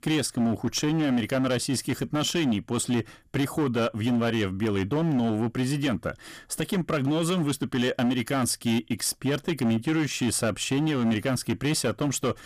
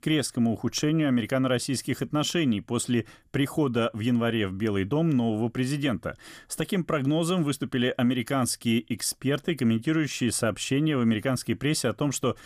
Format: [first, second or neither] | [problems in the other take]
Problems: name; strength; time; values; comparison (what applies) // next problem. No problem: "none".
second | distortion; slight; 16% of the sound clipped